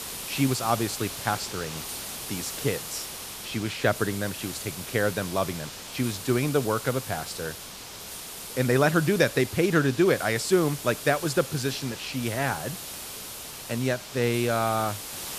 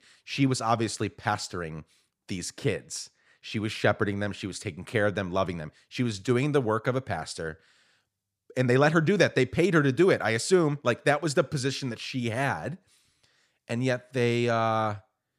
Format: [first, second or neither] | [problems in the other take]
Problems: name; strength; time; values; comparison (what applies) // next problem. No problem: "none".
second | hiss; loud; throughout; 9 dB below the speech